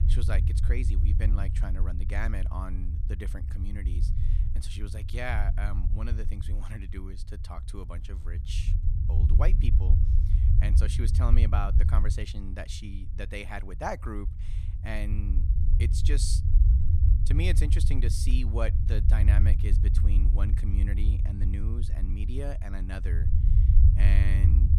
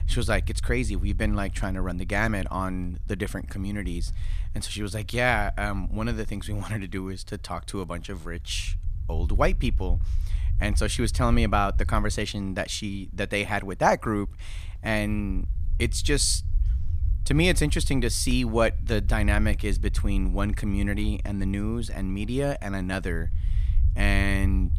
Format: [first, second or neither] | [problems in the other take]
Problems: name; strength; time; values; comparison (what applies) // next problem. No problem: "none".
second | low rumble; loud; throughout; 5 dB below the speech; faint in the second